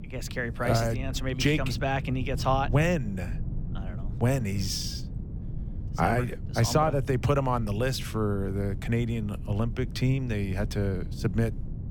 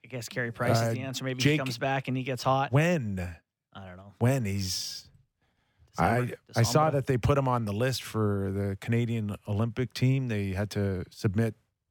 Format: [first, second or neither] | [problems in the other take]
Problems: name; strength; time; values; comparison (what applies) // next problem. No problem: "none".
second | low rumble; noticeable; throughout; 20 dB below the speech